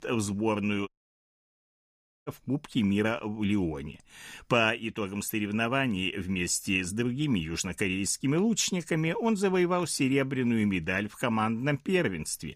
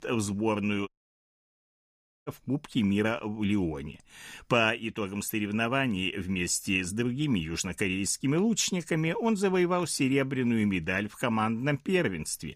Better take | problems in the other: neither | audio cutting out; at 1 s for 1.5 s; the same in both

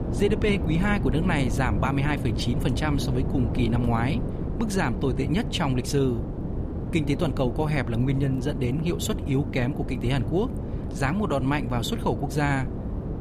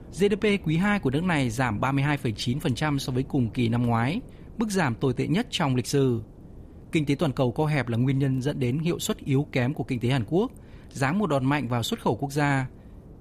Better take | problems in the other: second | wind noise on the microphone; heavy; 8 dB below the speech; occasional gusts in the second

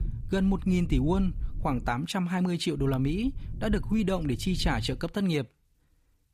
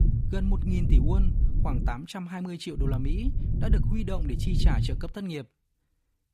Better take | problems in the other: first | low rumble; loud; until 2 s and from 3 to 5 s; 5 dB below the speech; faint in the first

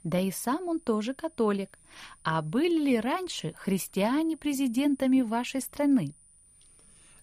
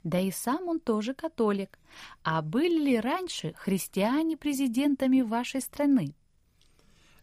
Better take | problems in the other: second | high-pitched whine; faint; throughout; 9.5 kHz, 30 dB below the speech

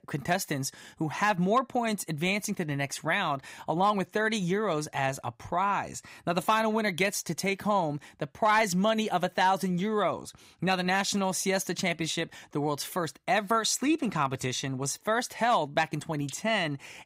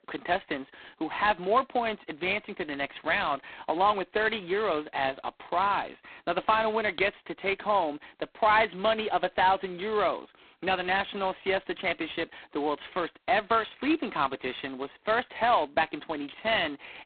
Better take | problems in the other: first | phone-call audio; poor line; nothing above 4 kHz

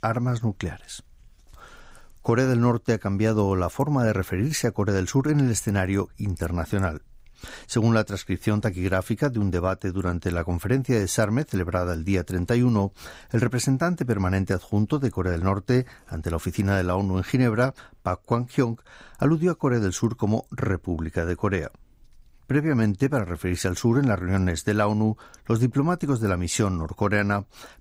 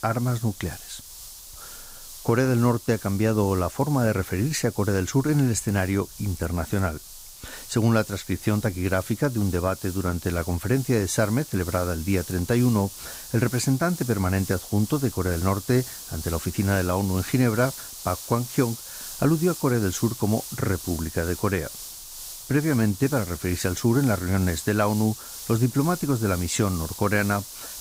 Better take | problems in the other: first | hiss; noticeable; throughout; 10 dB below the speech

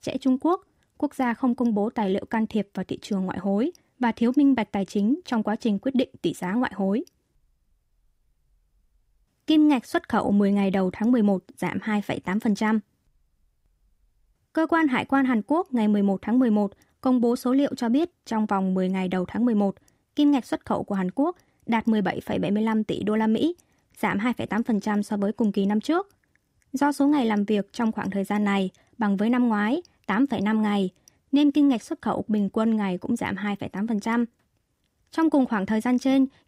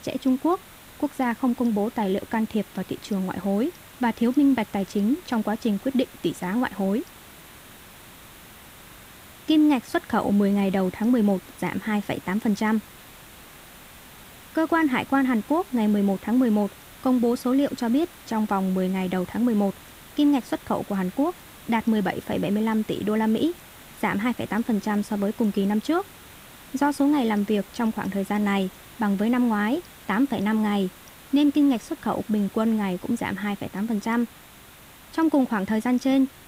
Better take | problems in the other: first | hiss; faint; throughout; 20 dB below the speech

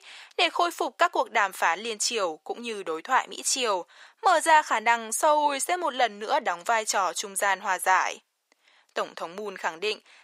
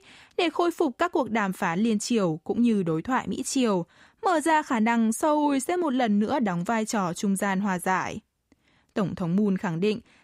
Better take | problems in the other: second | thin; very; fading below 600 Hz

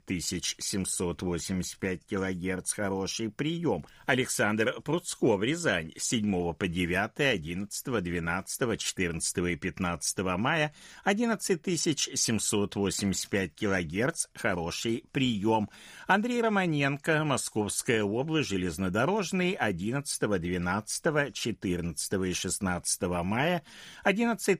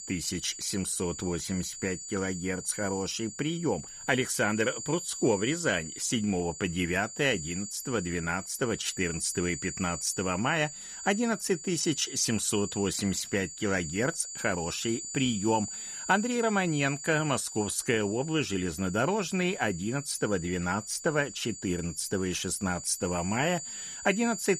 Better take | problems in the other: first | high-pitched whine; loud; throughout; 7 kHz, 9 dB below the speech

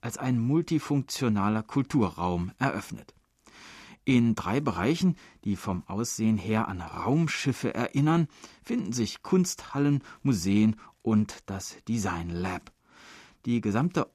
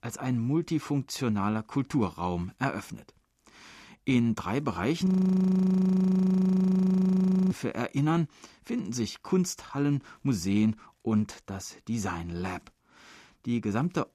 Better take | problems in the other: first | audio freezing; at 5 s for 2.5 s

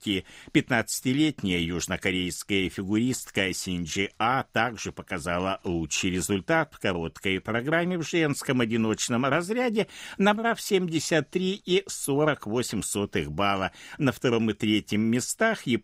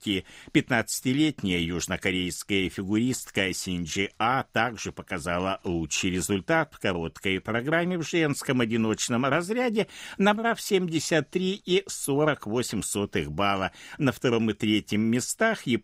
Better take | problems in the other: neither | none

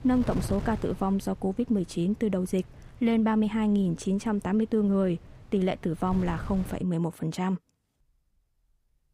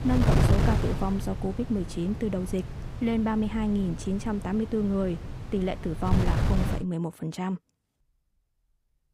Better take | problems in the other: first | wind noise on the microphone; heavy; until 7 s; 4 dB below the speech; occasional gusts in the first

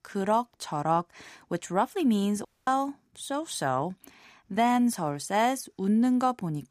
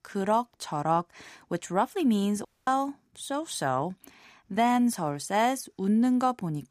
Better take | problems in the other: neither | audio cutting out; at 2.5 s; the same in both

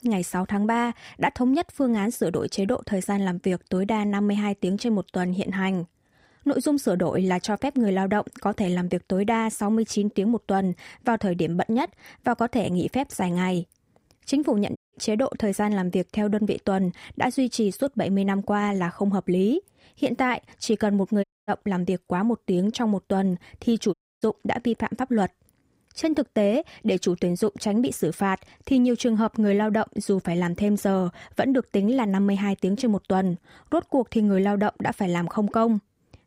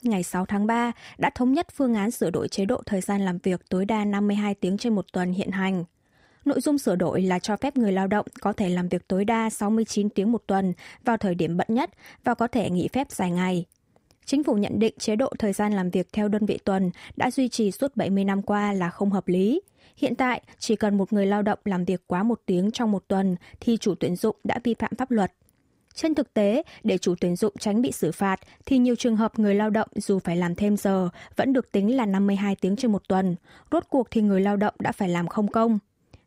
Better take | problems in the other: second | audio cutting out; at 15 s, at 21 s and at 24 s

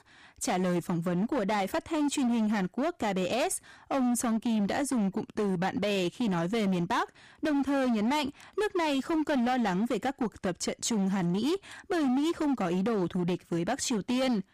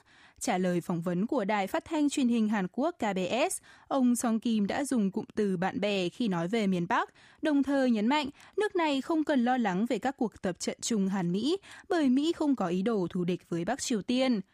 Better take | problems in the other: second | distortion; slight; 23% of the sound clipped

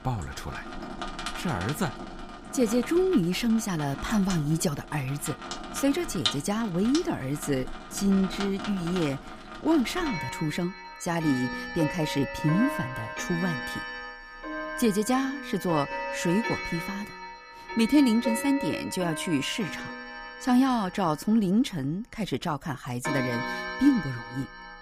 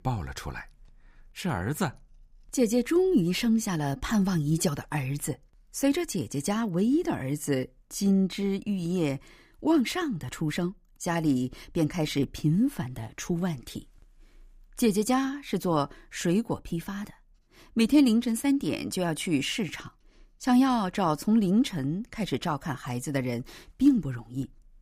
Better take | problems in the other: second | household noises; loud; throughout; 8 dB below the speech

